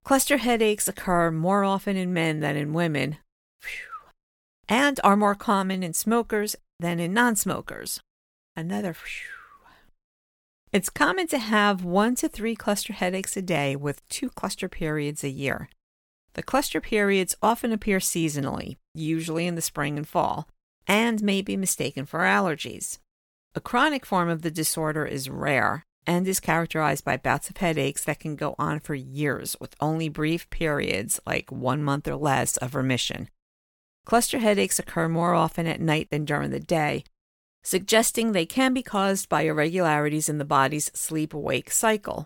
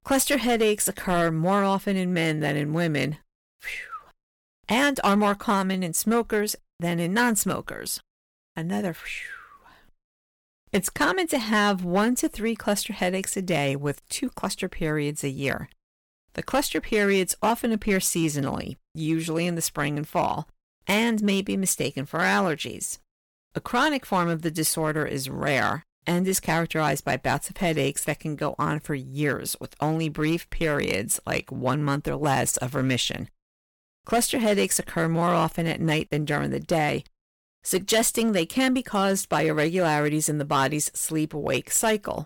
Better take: first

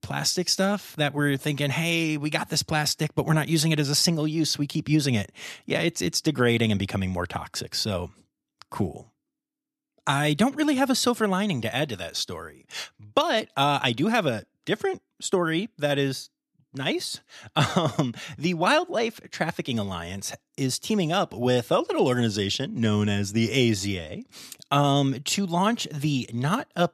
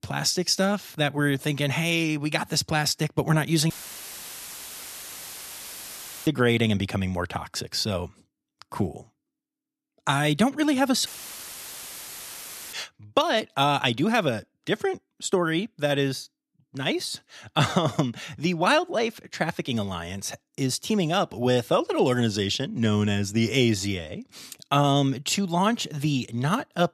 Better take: first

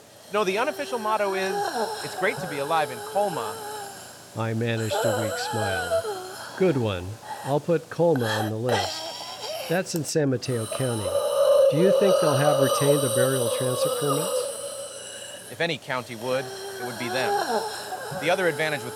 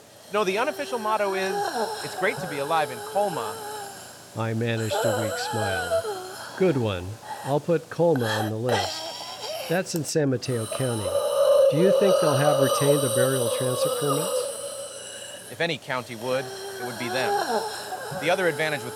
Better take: neither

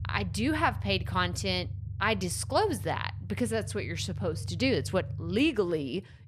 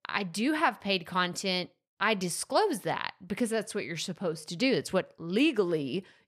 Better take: second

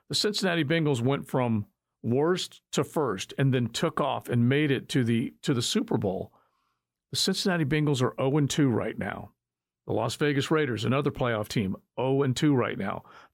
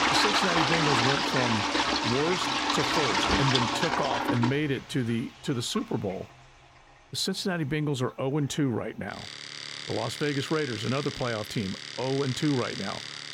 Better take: first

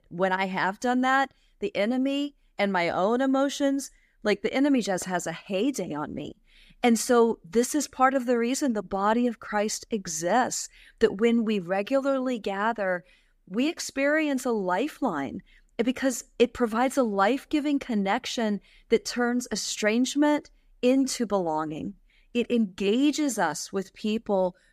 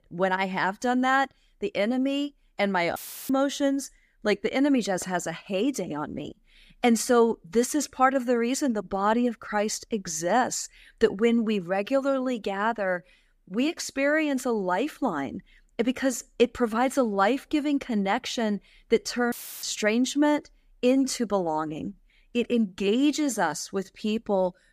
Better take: first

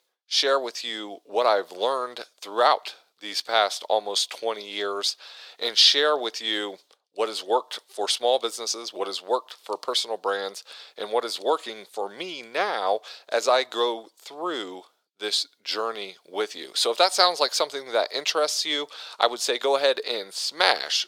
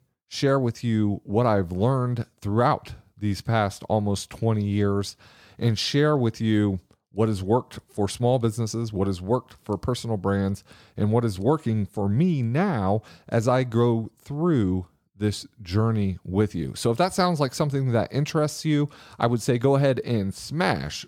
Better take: second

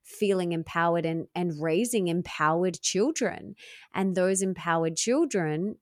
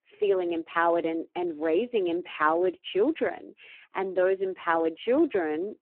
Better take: first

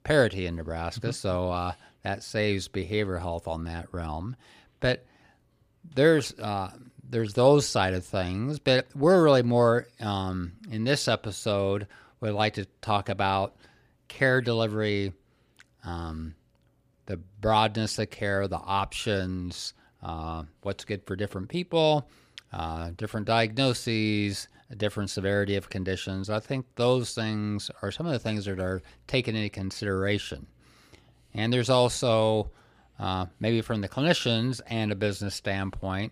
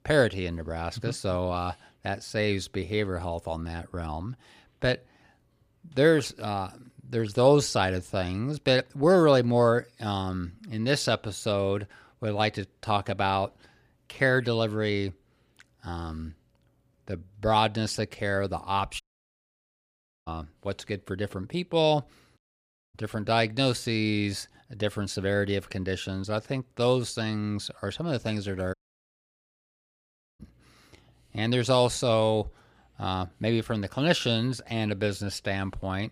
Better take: first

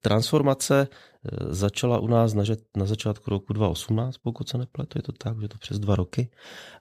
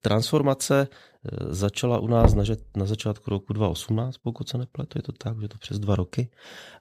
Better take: first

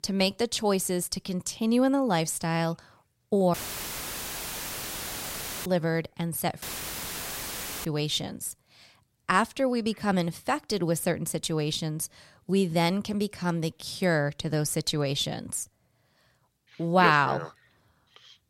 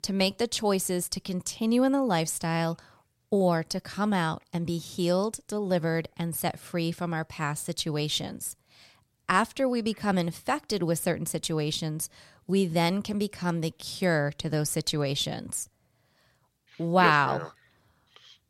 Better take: second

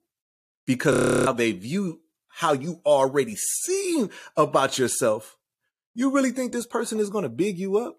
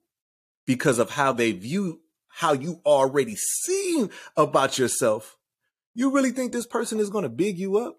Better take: second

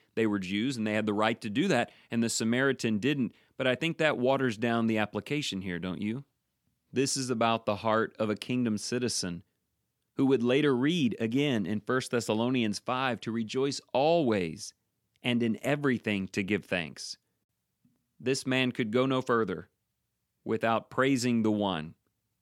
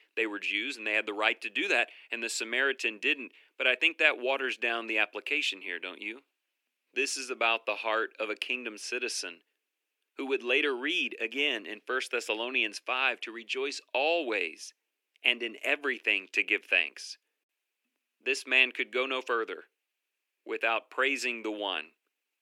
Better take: first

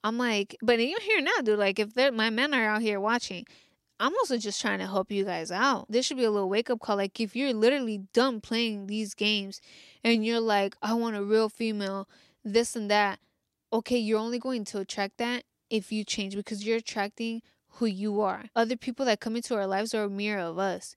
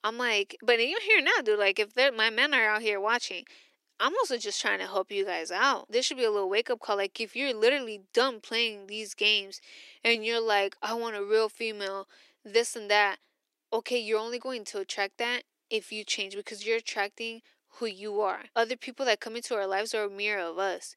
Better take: first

